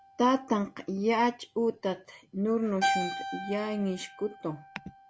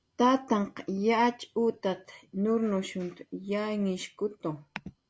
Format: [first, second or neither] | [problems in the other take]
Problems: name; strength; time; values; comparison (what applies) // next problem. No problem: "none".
second | background sound (Keyboard (musical)); 8 dB below the speech